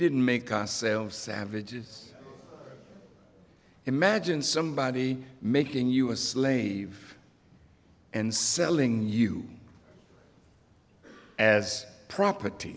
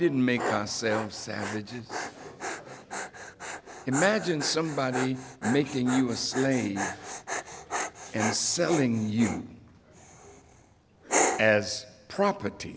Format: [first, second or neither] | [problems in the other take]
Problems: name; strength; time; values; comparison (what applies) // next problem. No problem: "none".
first | background sound (Dog); 6 dB below the speech